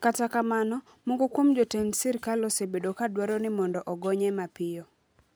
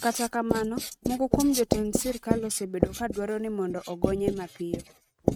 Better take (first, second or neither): first